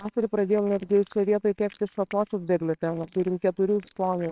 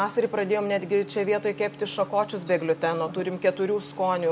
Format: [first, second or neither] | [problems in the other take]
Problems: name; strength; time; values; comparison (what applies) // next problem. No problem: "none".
second | noise reduction (neural separator model SepFormer WHAMR!)